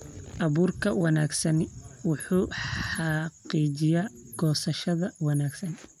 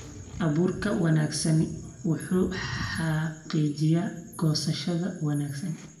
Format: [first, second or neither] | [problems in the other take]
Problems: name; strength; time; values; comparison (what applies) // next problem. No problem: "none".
first | room echo; dies away in 0.7 s